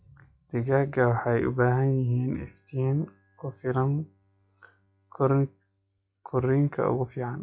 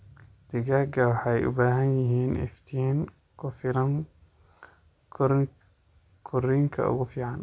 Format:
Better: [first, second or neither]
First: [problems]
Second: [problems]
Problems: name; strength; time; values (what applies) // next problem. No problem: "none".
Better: second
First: noise reduction (classical method log-MMSE)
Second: none